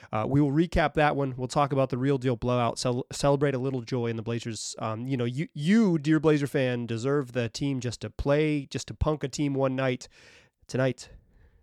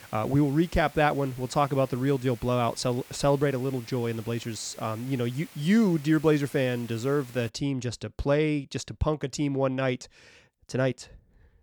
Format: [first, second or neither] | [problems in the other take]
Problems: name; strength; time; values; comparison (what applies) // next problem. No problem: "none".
first | hiss; faint; until 7.5 s; 20 dB below the speech